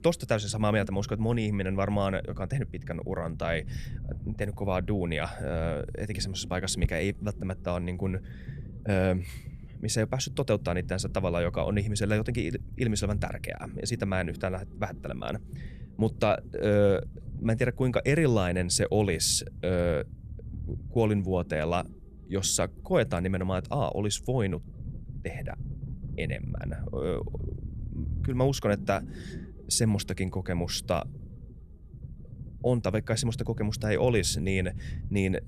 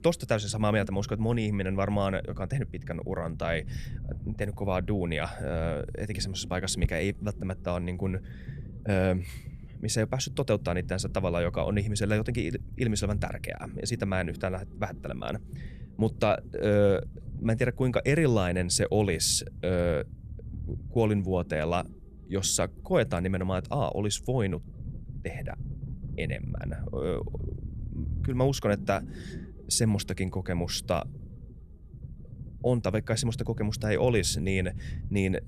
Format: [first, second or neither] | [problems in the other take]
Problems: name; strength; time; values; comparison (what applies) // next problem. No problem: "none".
neither | low rumble; faint; throughout; 20 dB below the speech; the same in both